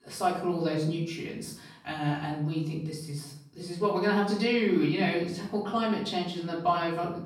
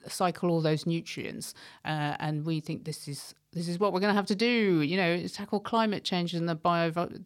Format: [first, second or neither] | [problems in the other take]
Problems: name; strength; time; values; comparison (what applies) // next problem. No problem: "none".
second | room echo; noticeable; dies away in 0.6 s // off-mic speech; far